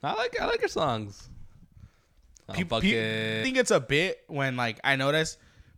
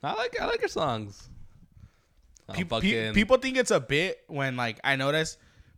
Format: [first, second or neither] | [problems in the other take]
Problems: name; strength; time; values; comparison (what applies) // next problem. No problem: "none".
second | audio freezing; at 3 s